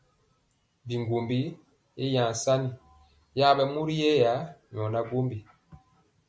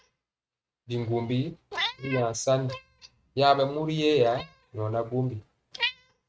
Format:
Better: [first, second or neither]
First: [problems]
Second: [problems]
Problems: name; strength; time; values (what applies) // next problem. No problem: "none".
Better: first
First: none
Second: noise reduction (neural mask model RNNoise)